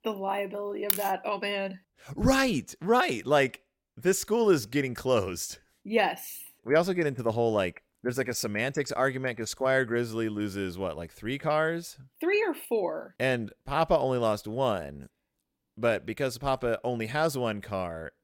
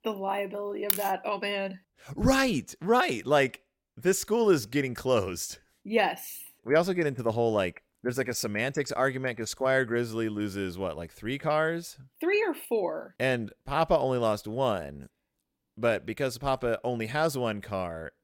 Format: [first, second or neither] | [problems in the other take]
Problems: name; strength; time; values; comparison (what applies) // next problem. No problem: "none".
neither | none